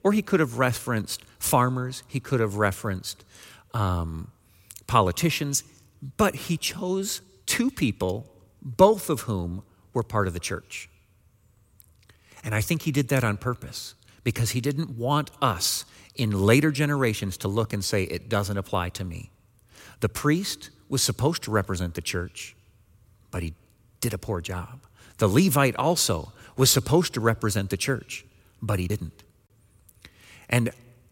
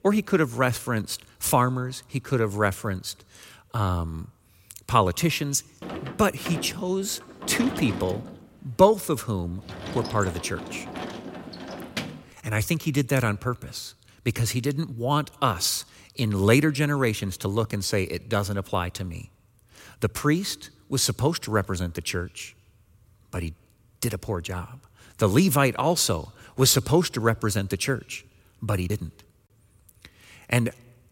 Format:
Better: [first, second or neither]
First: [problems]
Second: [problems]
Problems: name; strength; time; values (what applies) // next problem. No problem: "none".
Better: first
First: none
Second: door banging; noticeable; from 6 to 12 s; peak 7 dB below the speech